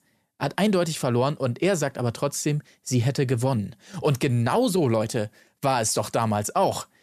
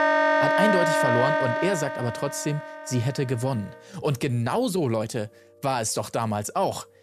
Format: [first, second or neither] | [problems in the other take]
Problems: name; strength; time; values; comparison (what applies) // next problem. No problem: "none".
first | background music; very loud; throughout; 4 dB above the speech